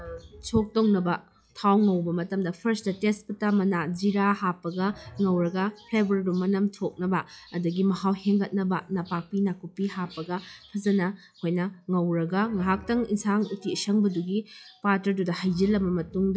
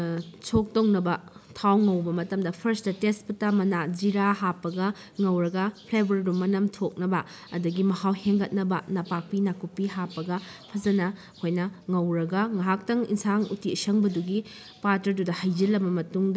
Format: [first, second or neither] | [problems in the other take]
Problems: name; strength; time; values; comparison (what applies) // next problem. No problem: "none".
second | noise reduction (classical method log-MMSE)